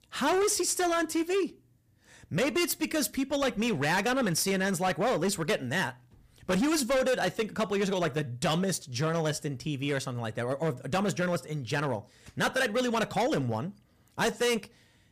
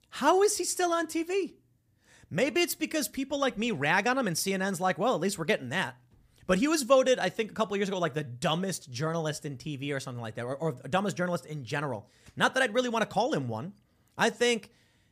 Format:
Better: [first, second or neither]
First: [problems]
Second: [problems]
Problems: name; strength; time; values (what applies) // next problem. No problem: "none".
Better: second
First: distortion; heavy; 13% of the sound clipped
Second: none